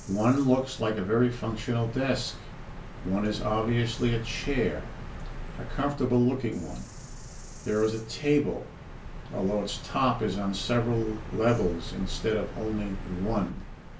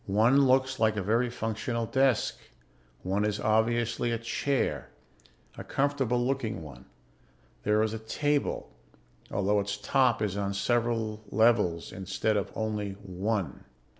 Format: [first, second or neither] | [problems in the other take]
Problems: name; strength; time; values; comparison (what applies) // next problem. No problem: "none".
second | background sound (Bird vocalization, bird call, bird song); 10 dB below the speech // room echo; dies away in 0.2 s